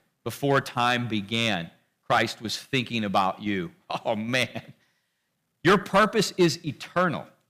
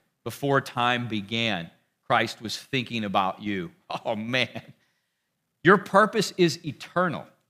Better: second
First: distortion; slight; 1.5% of the sound clipped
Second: none

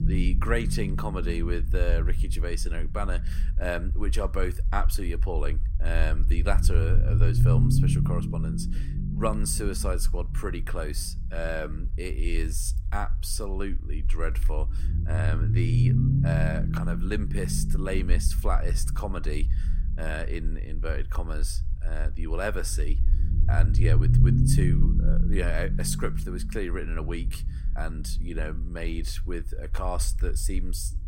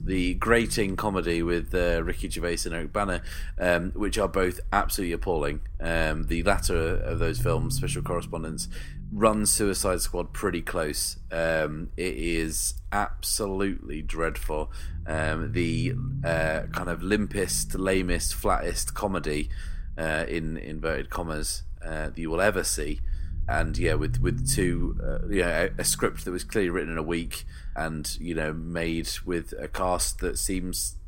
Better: second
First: low rumble; loud; throughout; 5 dB below the speech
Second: low rumble; faint; throughout; 20 dB below the speech

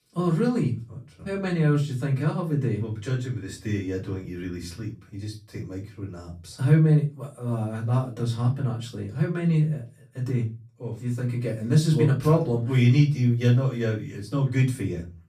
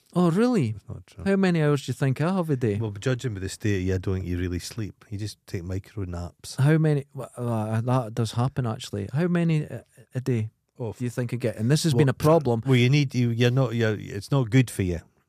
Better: second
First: room echo; very slight; dies away in 0.3 s // off-mic speech; far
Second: none

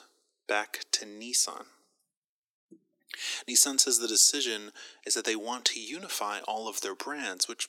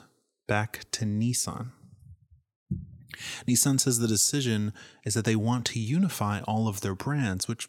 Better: second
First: thin; very; fading below 300 Hz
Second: none

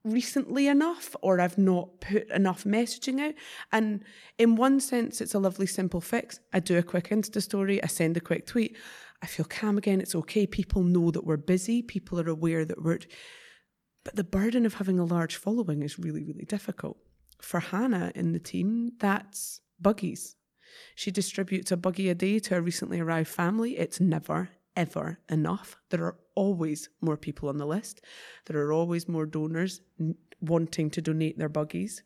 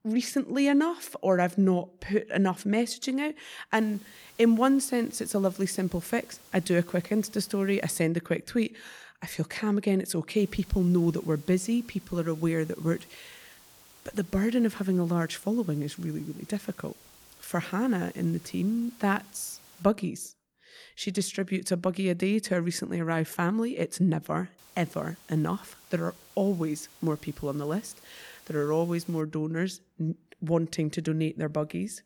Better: first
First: none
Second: hiss; faint; from 4 to 8 s, from 10 to 20 s and from 25 to 29 s; 25 dB below the speech

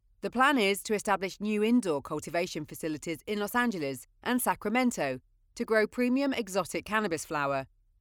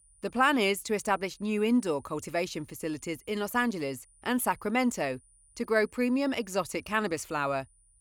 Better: first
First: none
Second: high-pitched whine; faint; throughout; 9.5 kHz, 30 dB below the speech

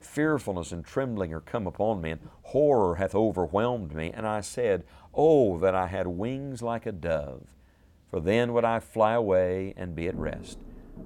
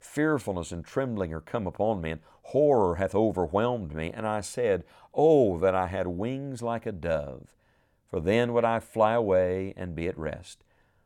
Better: second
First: rain or running water; faint; throughout; 25 dB below the speech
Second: none

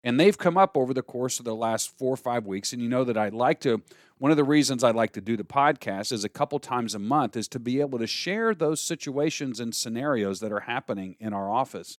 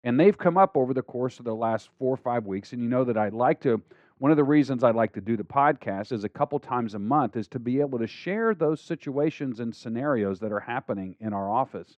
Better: first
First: none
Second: muffled; very; fading above 1.5 kHz

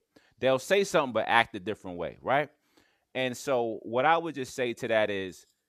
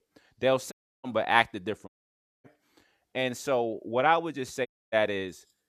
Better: first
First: none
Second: audio cutting out; at 0.5 s, at 2 s for 0.5 s and at 4.5 s

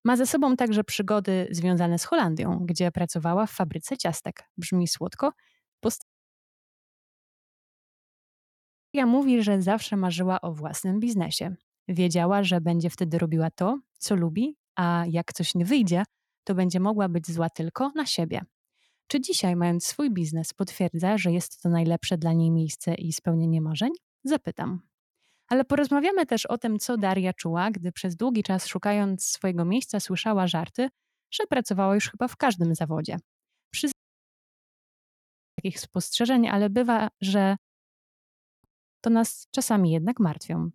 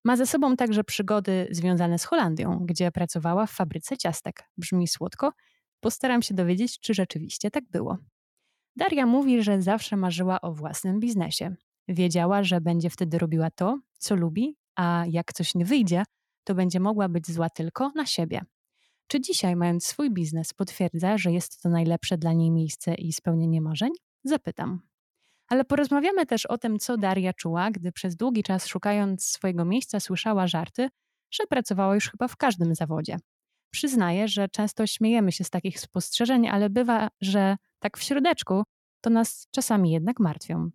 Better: second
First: audio cutting out; at 6 s for 3 s, at 34 s for 1.5 s and at 38 s for 1 s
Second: none

